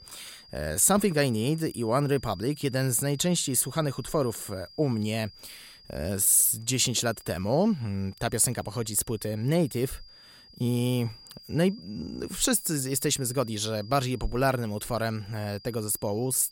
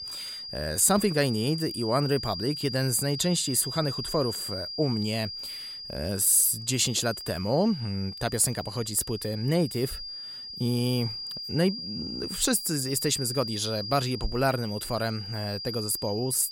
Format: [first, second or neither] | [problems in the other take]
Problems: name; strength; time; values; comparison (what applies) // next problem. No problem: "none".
first | high-pitched whine; loud; throughout; 5 kHz, 8 dB below the speech; faint in the first